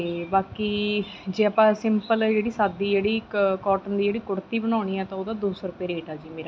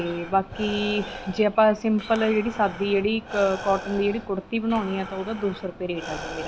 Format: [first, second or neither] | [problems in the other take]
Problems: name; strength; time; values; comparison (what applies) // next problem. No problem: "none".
first | background sound (Breathing); 13 dB below the speech